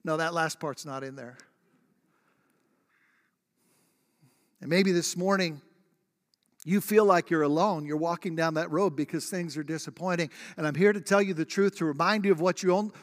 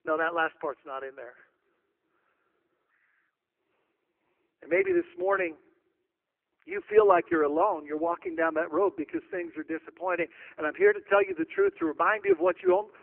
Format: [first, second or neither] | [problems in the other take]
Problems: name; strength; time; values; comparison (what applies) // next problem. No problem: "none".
first | phone-call audio; poor line